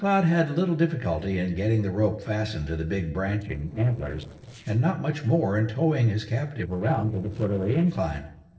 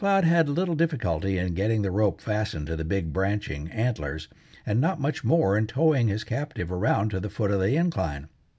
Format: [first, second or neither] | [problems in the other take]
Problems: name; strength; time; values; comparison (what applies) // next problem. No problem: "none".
second | noise reduction (neural separator model SepFormer DNS4)